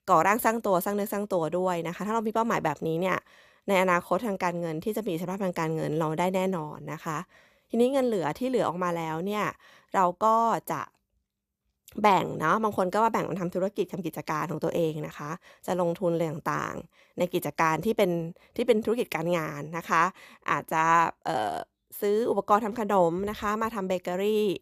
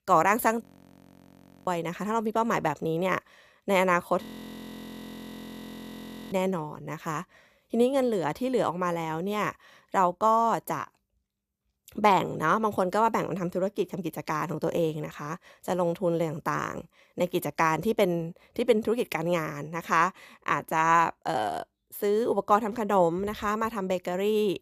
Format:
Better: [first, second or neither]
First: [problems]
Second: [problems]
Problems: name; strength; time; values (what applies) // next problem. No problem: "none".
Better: first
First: none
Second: audio freezing; at 0.5 s for 1 s and at 4 s for 2 s